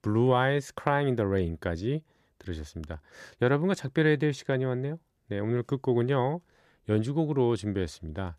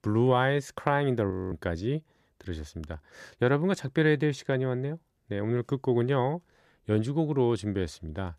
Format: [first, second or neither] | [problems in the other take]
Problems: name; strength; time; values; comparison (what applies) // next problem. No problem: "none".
first | audio freezing; at 1.5 s